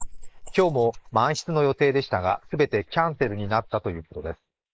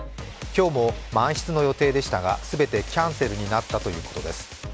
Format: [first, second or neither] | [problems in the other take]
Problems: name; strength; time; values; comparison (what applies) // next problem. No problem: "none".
second | noise reduction (neural mask model Resemble Enhance denoiser)